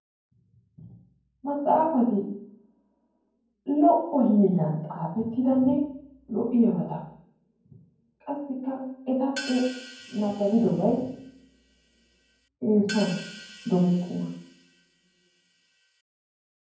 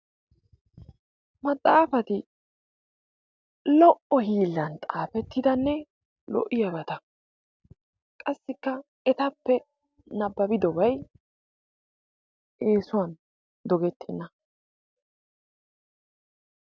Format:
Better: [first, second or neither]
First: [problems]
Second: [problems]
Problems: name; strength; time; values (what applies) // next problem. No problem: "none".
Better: second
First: background sound (Hi-hat); 16 dB below the speech // room echo; dies away in 0.9 s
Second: none